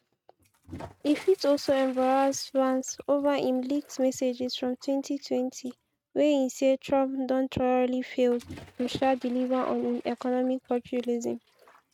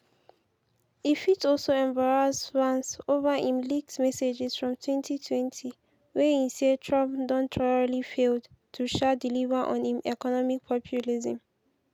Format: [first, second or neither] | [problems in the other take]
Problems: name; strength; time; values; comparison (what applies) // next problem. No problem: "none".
second | noise reduction (neural mask model RNNoise)